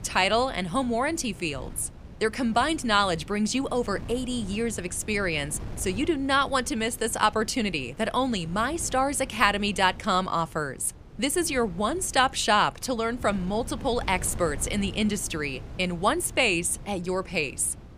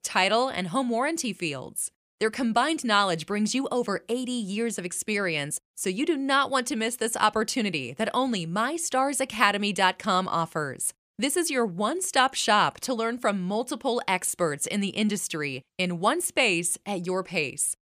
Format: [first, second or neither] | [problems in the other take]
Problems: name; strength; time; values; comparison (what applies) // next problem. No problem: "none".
second | wind noise on the microphone; occasional gusts; 25 dB below the speech